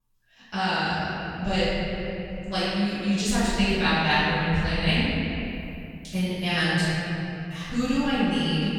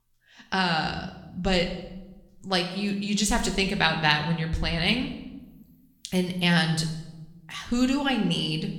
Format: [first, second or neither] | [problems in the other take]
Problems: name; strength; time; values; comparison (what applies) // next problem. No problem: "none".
second | room echo; strong; dies away in 3 s; slight in the second // off-mic speech; far